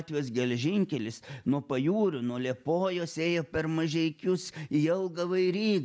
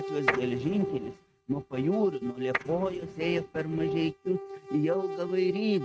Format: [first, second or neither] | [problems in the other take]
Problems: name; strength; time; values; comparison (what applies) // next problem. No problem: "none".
first | noise reduction (neural mask model RNNoise)